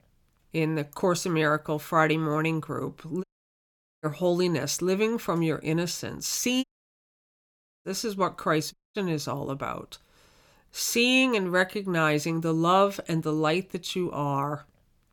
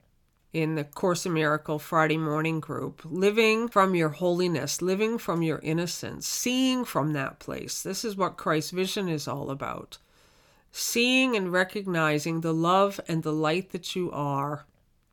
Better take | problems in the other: second | audio cutting out; at 3 s for 1 s, at 6.5 s for 1 s and at 8.5 s

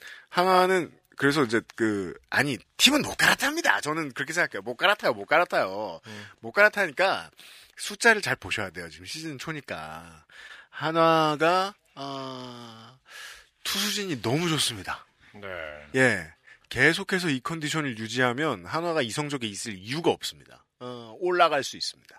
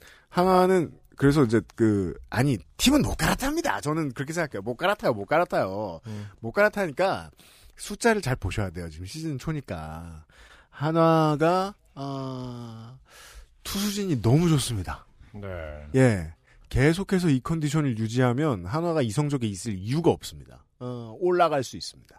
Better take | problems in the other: second | thin; somewhat; fading below 850 Hz

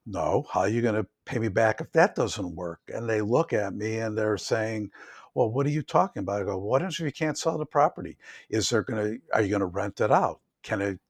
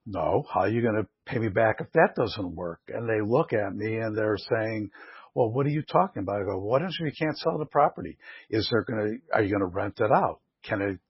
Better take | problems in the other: first | garbled, watery; badly; nothing above 5.5 kHz

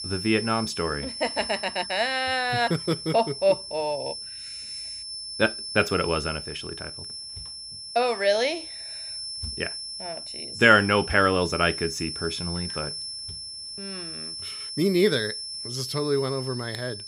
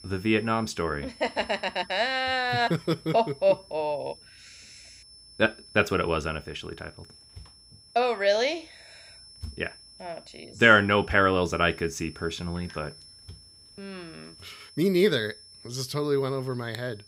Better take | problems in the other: second | high-pitched whine; loud; throughout; 5.5 kHz, 8 dB below the speech; faint in the second

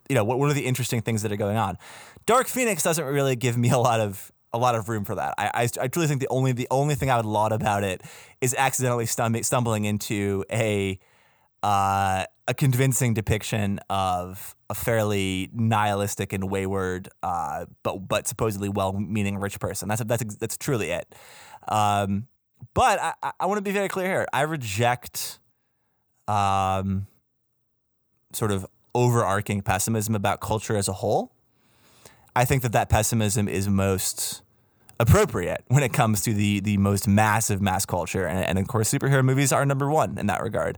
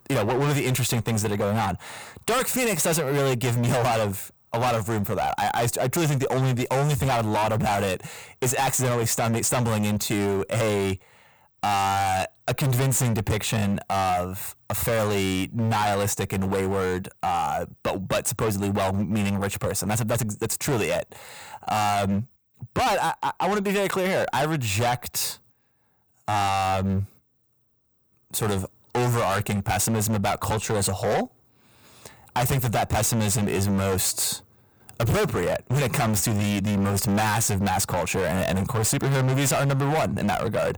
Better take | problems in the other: first | distortion; heavy; 23% of the sound clipped

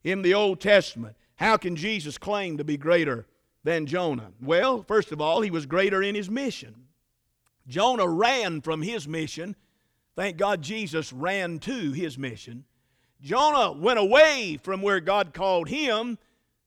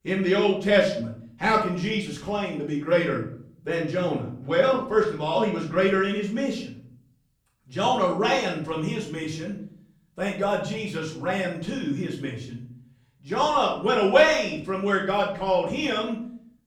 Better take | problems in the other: first | off-mic speech; far // room echo; slight; dies away in 0.6 s

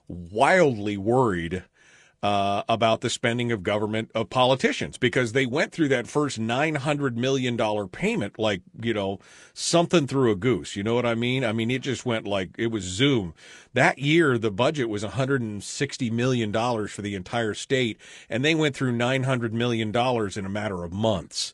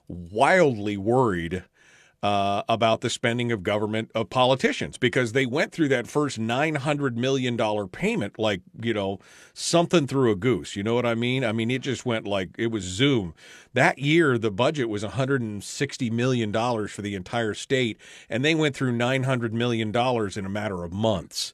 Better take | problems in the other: second | garbled, watery; slightly

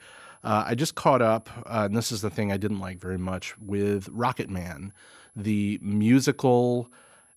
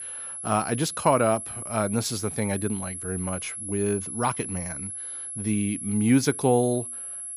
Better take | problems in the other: first | high-pitched whine; loud; throughout; 11 kHz, 7 dB below the speech; faint in the first

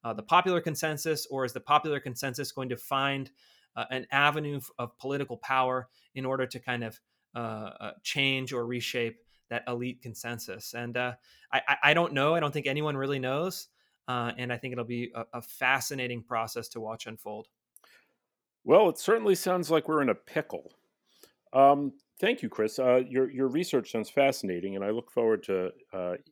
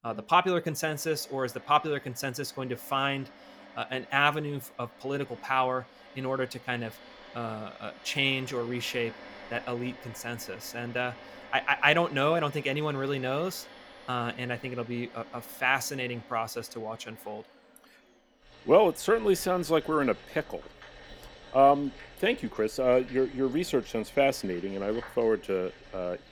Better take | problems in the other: first | household noises; faint; throughout; 20 dB below the speech

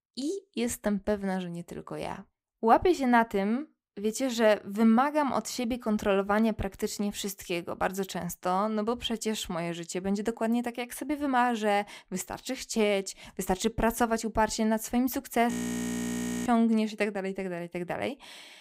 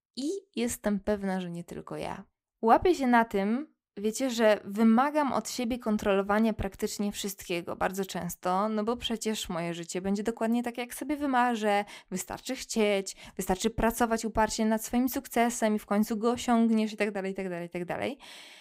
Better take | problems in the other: second | audio freezing; at 16 s for 1 s

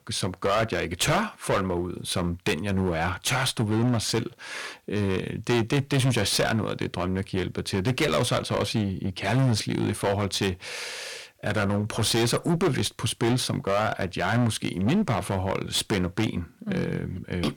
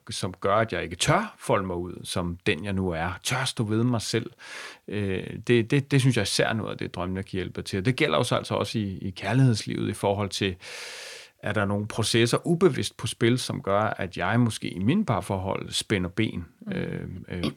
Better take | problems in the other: second | distortion; heavy; 14% of the sound clipped

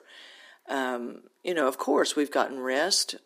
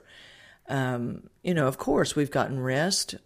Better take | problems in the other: second | thin; very slightly; fading below 250 Hz

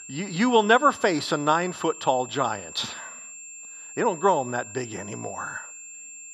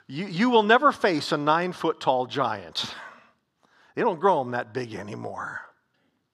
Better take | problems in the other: second | high-pitched whine; noticeable; throughout; 7.5 kHz, 15 dB below the speech

